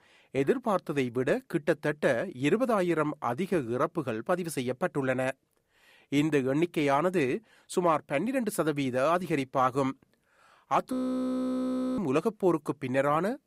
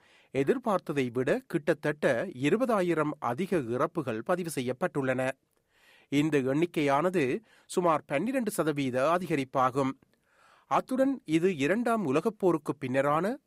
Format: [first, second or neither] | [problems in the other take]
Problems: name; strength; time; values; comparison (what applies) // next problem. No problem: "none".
second | audio freezing; at 11 s for 1 s